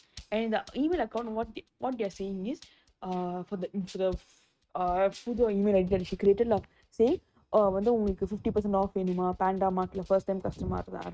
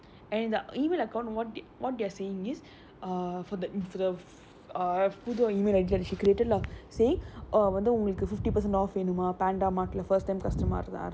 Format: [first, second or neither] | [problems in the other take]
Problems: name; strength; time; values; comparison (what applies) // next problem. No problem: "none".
second | noise reduction (neural mask model RNNoise)